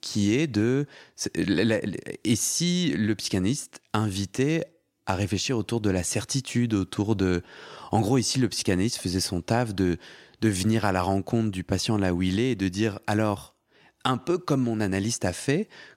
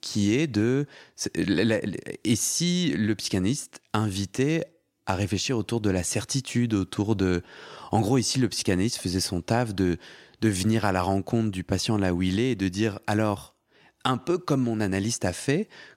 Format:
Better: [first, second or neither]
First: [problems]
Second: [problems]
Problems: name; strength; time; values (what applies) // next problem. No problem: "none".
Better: neither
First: none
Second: none